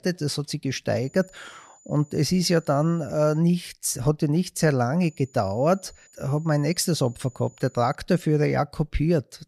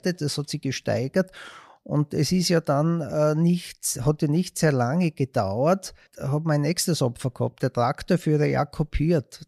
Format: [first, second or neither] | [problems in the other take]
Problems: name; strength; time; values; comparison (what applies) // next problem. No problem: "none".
second | high-pitched whine; faint; from 1 to 3.5 s and from 5 to 8 s; 7 kHz, 30 dB below the speech